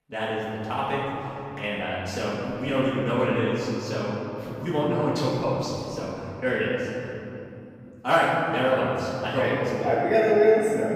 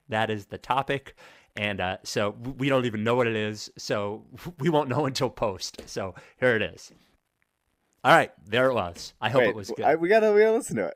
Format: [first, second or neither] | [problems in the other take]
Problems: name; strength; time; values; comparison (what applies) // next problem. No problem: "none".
second | off-mic speech; far // room echo; strong; dies away in 3 s